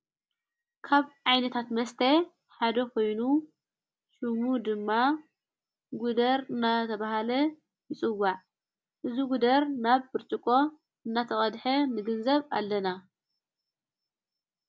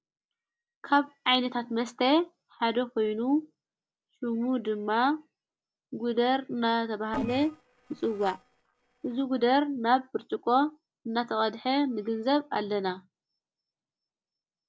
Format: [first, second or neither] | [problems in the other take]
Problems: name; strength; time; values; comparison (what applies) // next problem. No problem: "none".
first | noise reduction (neural separator model SepFormer DNS4)